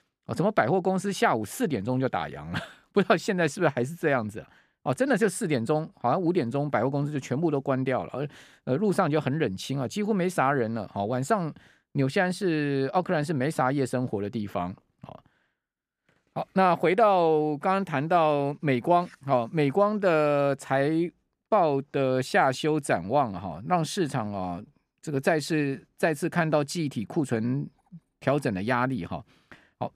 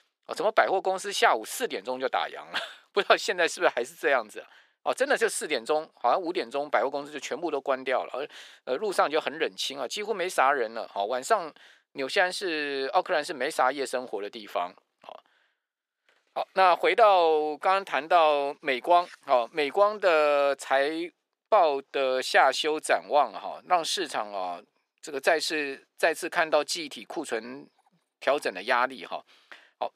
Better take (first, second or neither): first